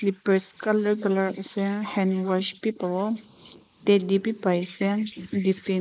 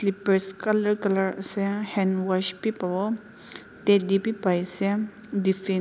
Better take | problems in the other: second | noise reduction (neural mask model Resemble Enhance denoiser)

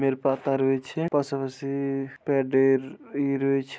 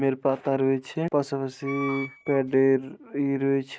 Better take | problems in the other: first | noise reduction (neural mask model RNNoise)

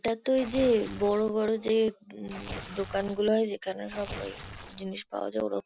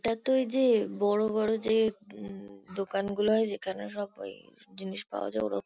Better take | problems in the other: second | background sound (Tearing); 15 dB below the speech

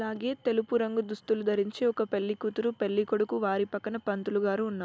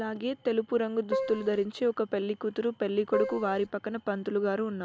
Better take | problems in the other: first | background sound (Keyboard (musical)); 3 dB below the speech

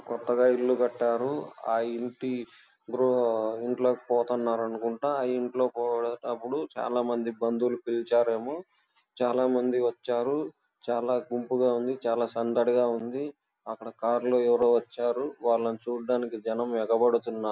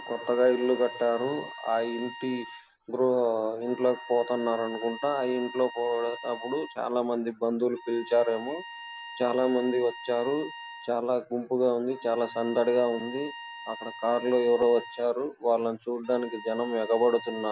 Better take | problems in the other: first | background sound (Bowed string instrument); 15 dB below the speech

